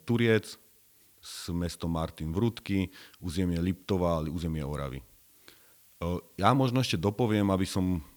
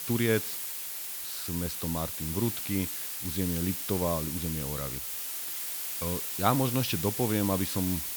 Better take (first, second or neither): first